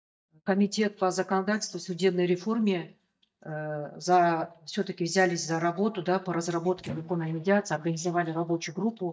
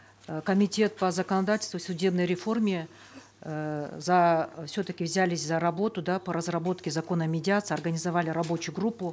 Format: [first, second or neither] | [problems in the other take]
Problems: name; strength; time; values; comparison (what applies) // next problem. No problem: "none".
second | noise reduction (neural mask model DeepFilterNet 3)